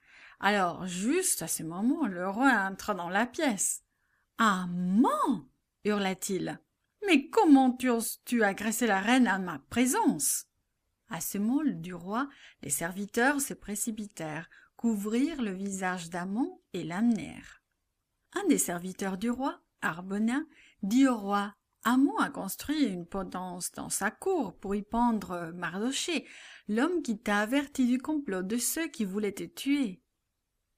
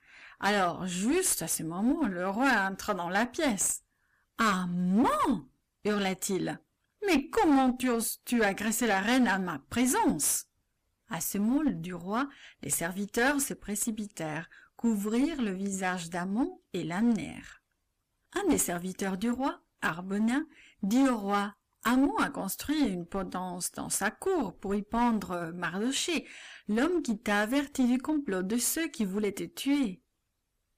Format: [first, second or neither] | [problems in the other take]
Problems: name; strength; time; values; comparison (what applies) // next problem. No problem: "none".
first | distortion; slight; 7% of the sound clipped